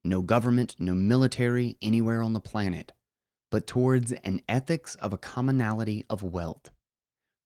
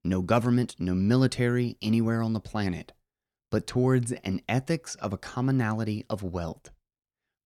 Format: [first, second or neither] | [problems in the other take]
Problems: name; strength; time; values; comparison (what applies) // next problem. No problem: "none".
second | garbled, watery; slightly; nothing above 18.5 kHz